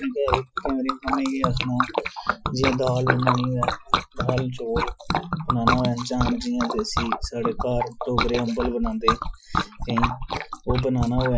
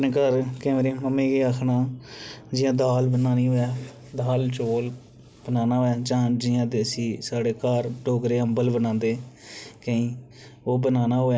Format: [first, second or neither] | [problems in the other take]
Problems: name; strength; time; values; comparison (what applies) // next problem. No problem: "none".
second | noise reduction (classical method Wiener filter)